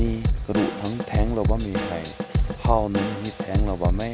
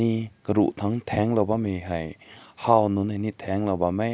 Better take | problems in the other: second | background sound (Drum / Drum kit); 3 dB above the speech

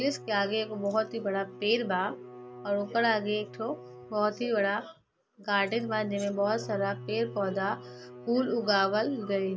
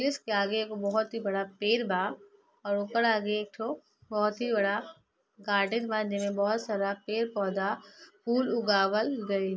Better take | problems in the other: second | background sound (Bowed string instrument); 15 dB below the speech

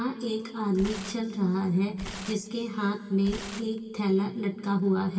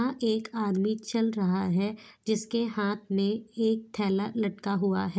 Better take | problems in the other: second | background sound (Tearing); 15 dB below the speech // room echo; dies away in 2.3 s

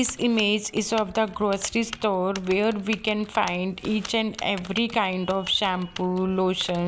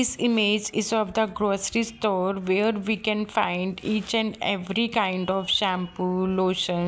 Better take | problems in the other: second | background sound (Typing); 18 dB below the speech

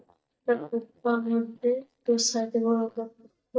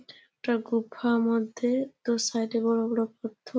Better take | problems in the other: second | noise reduction (neural mask model DeepFilterNet 3)

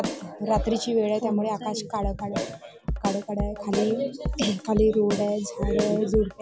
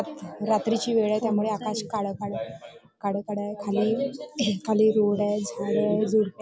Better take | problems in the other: second | background sound (Drum kit); 7 dB below the speech

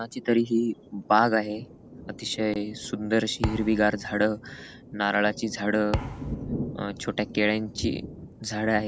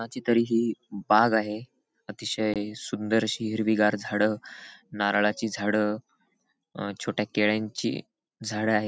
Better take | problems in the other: second | background sound (Thump, thud + Thunder); 10 dB below the speech

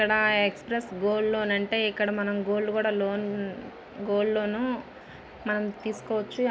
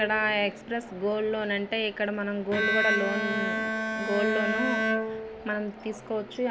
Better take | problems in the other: first | background sound (Bowed string instrument); 2 dB below the speech

